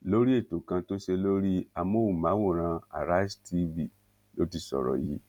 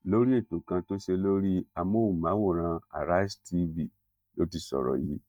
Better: first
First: none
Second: noise reduction (neural mask model DeepFilterNet 3)

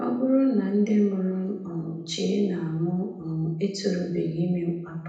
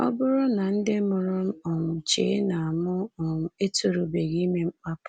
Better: second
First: room echo; dies away in 0.8 s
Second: none

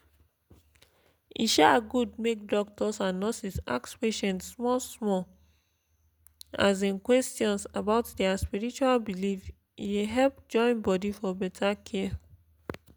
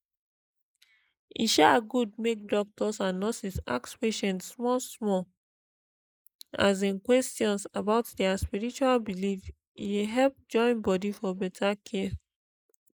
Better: first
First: none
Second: noise reduction (neural mask model Resemble Enhance denoiser)

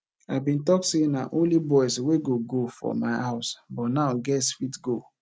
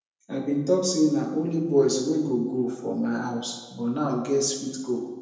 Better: first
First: none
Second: room echo; dies away in 1 s

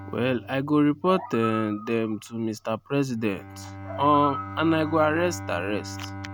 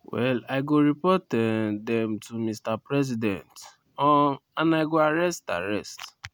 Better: second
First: background sound (Animal + Bowed string instrument); 11 dB below the speech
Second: none

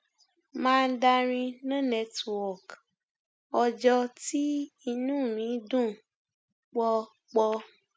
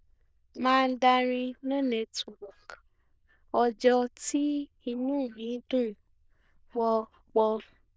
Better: first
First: none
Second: noise reduction (neural diffusion model UNIVERSE++)

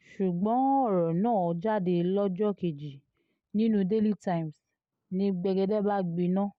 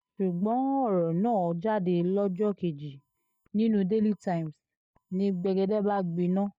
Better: first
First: none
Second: noise reduction (neural mask model DeepFilterNet 3)

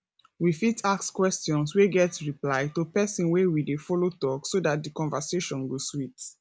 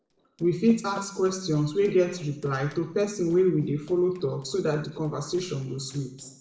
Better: first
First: none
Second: noise reduction (neural separator model SepFormer DNS4)

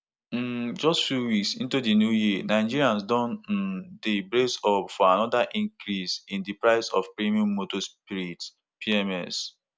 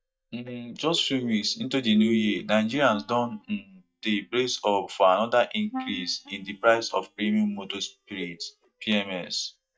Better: first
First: none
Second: noise reduction (neural mask model DeepFilterNet 3)

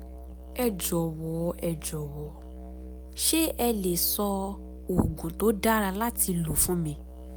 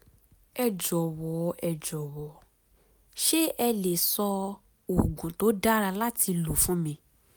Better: second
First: background sound (Musical instrument); 12 dB below the speech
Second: none

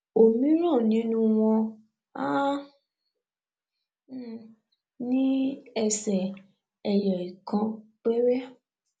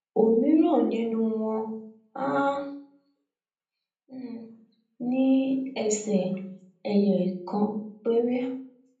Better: first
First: none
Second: room echo; dies away in 0.6 s

